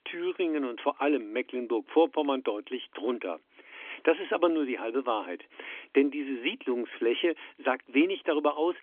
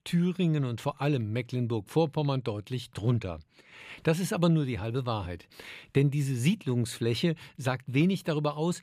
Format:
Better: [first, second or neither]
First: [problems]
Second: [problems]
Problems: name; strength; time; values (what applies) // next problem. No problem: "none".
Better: second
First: phone-call audio; nothing above 3.5 kHz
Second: none